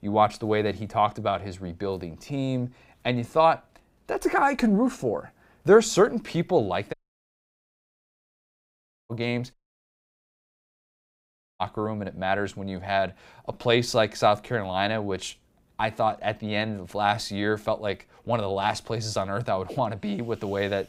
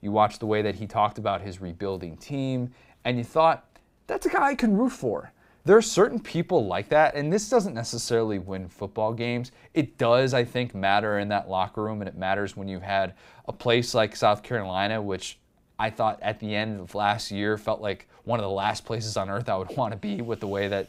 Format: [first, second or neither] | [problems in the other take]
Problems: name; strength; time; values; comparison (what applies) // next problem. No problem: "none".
second | audio cutting out; at 7 s for 2 s and at 9.5 s for 2 s